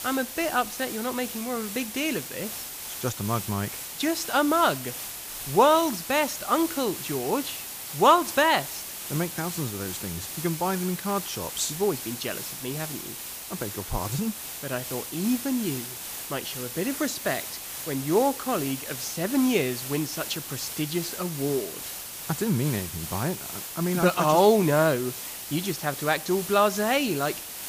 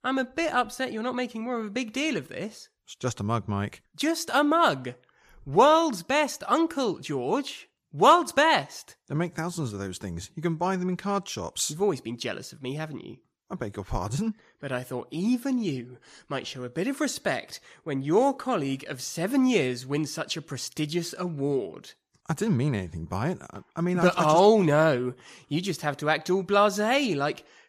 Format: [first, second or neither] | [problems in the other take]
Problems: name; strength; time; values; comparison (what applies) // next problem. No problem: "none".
second | hiss; loud; throughout; 7 dB below the speech